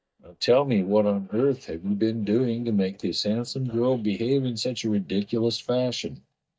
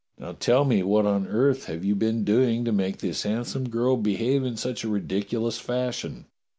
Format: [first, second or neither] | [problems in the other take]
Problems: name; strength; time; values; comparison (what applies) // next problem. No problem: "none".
second | noise reduction (neural mask model DeepFilterNet 3)